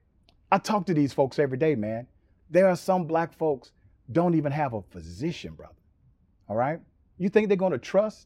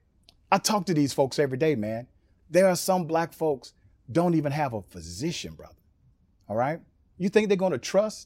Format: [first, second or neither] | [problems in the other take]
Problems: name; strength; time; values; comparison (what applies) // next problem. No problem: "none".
second | muffled; slightly; fading above 4 kHz